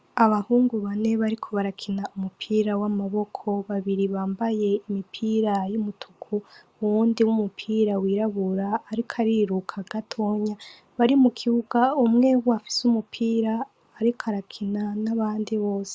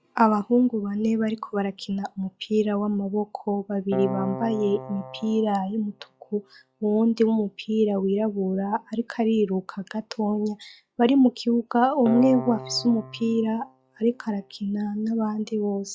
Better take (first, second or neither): first